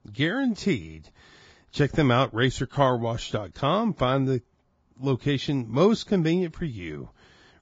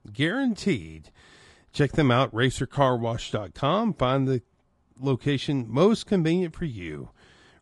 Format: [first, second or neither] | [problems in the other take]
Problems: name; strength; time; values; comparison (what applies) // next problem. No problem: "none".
second | garbled, watery; badly; nothing above 7.5 kHz; slightly in the second